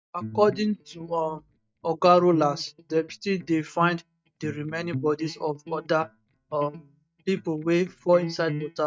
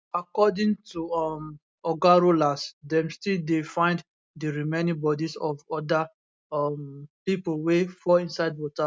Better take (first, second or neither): second